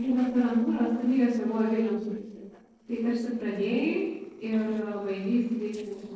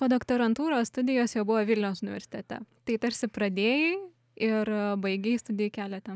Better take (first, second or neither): second